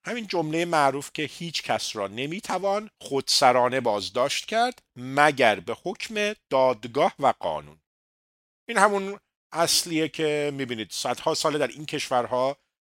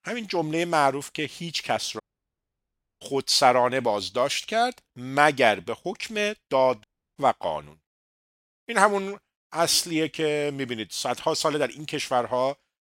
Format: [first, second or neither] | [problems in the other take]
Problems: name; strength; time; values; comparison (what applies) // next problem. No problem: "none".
first | audio cutting out; at 2 s for 1 s and at 7 s